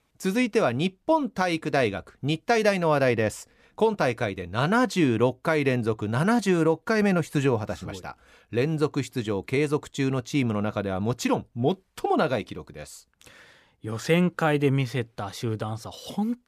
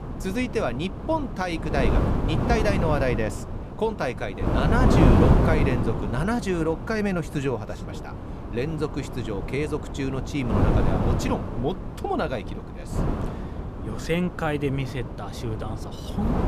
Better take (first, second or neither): first